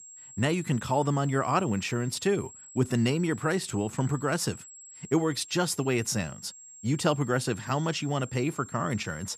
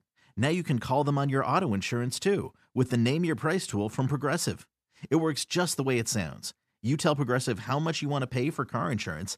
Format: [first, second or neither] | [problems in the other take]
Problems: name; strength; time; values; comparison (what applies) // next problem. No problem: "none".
second | high-pitched whine; noticeable; throughout; 7.5 kHz, 15 dB below the speech